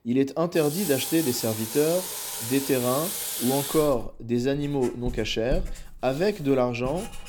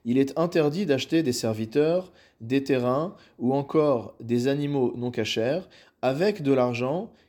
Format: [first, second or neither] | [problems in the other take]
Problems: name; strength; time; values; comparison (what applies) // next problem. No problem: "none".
second | household noises; loud; throughout; 5 dB below the speech